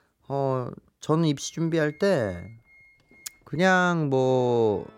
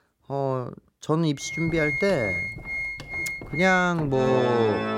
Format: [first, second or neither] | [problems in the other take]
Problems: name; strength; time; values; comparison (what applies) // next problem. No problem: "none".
first | background music; loud; from 1.5 s on; 4 dB below the speech; faint in the first